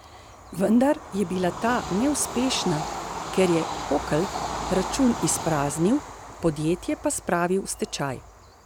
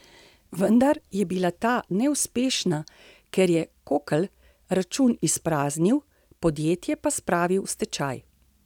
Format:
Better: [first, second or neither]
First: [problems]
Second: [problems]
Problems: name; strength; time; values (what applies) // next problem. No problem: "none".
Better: second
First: background sound (Train / Bird vocalization, bird call, bird song); 9 dB below the speech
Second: none